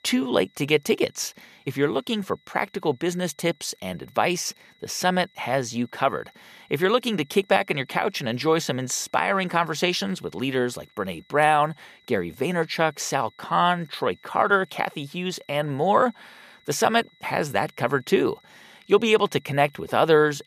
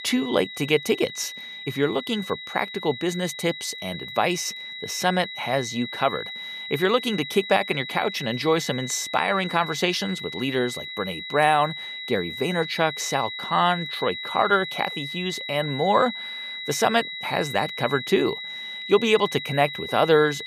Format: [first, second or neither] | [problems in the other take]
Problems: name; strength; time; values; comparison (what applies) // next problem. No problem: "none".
first | high-pitched whine; loud; throughout; 2 kHz, 8 dB below the speech; faint in the first